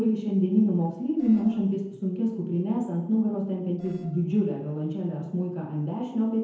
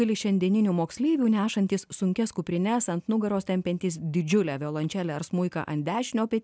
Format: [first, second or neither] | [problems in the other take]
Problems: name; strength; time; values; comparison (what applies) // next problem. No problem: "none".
second | noise reduction (neural separator model SepFormer DNS4)